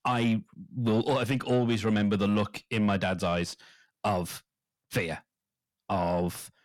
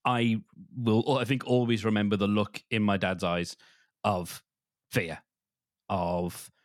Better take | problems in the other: second | distortion; slight; 10 dB below the speech

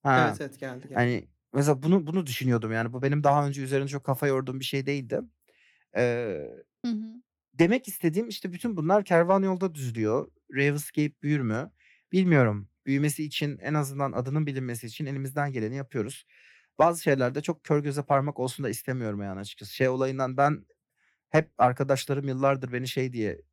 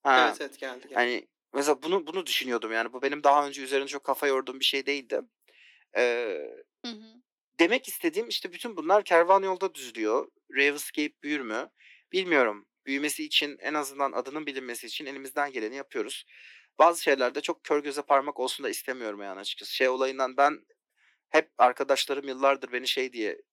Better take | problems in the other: first | thin; somewhat; fading below 300 Hz

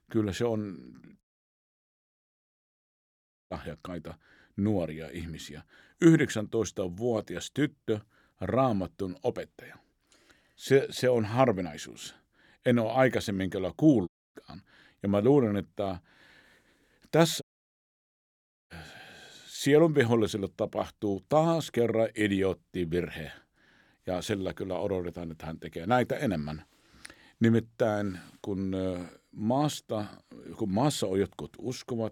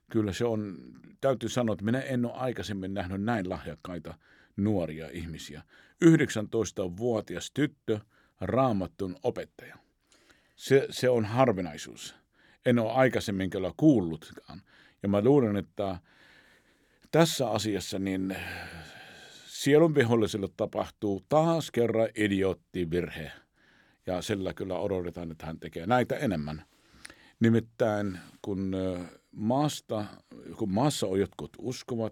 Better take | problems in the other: second | audio cutting out; at 1 s for 2.5 s, at 14 s and at 17 s for 1.5 s

